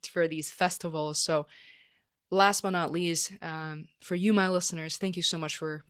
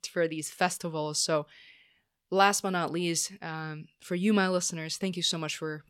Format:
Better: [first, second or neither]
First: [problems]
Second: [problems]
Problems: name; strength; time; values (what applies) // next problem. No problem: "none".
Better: second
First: garbled, watery; slightly; nothing above 17.5 kHz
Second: none